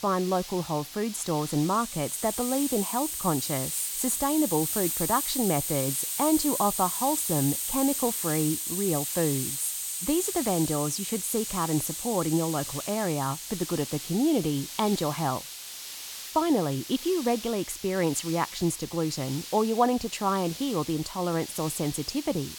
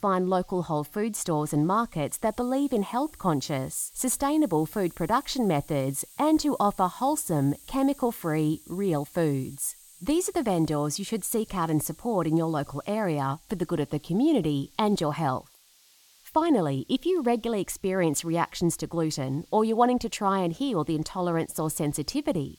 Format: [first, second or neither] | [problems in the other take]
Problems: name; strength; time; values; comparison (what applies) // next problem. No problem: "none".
second | hiss; loud; throughout; 4 dB below the speech; faint in the second